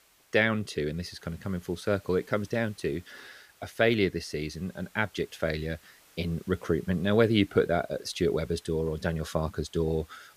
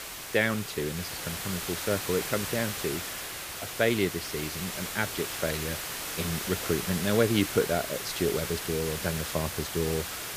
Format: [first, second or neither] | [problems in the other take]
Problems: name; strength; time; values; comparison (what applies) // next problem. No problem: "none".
first | hiss; loud; throughout; 3 dB below the speech; faint in the first